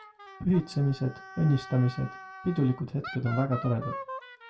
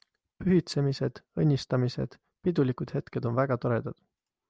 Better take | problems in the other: second | background sound (Wind instrument, woodwind instrument); 13 dB below the speech // room echo; dies away in 0.2 s

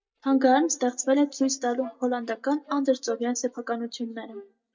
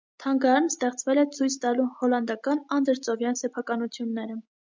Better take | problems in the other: second | noise reduction (neural mask model DeepFilterNet 3)

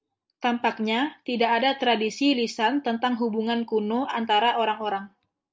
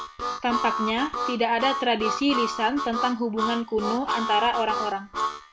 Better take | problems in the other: first | background sound (Harmonica); 4 dB below the speech

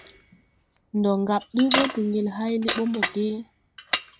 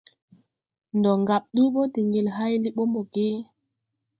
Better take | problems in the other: second | background sound (Bicycle); 6 dB below the speech

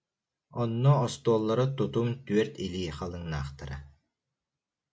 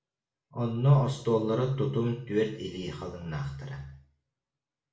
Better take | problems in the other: first | room echo; dies away in 0.5 s

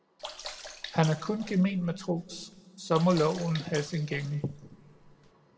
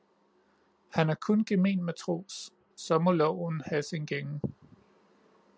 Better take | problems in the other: second | background sound (Sink (filling or washing) / Water / Splash, splatter); 15 dB below the speech // room echo; dies away in 1.2 s

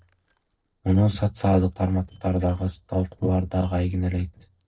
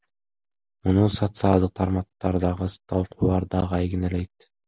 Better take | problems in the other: second | noise reduction (neural separator model SepFormer DNS4)

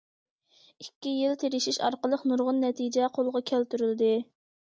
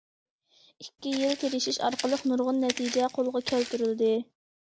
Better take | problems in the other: first | background sound (Walk, footsteps); 11 dB below the speech

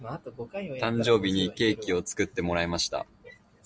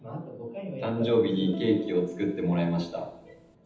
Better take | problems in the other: first | background sound (Piano); 19 dB below the speech // room echo; dies away in 0.8 s

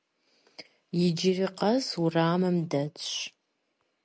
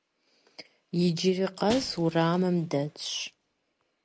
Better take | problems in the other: first | background sound (Shatter); 19 dB below the speech

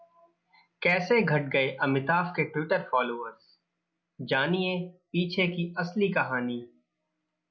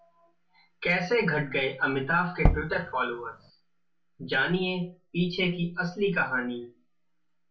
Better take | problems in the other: first | background sound (Tap / Bass drum); 2 dB above the speech // room echo; dies away in 0.1 s

